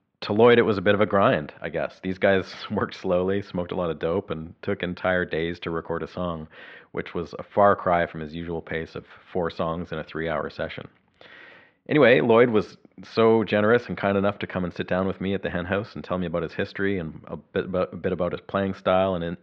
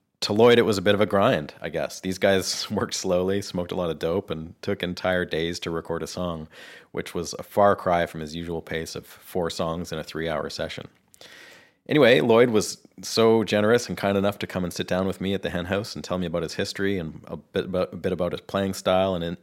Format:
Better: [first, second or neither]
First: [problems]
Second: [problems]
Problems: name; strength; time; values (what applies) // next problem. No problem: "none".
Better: second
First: muffled; very; fading above 3 kHz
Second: none